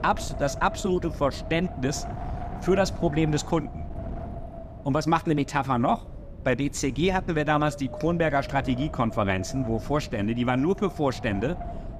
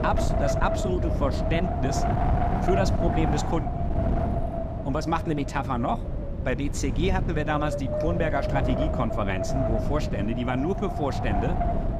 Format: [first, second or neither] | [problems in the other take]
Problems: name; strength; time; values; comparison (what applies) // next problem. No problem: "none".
first | wind noise on the microphone; heavy; 1 dB below the speech; occasional gusts in the first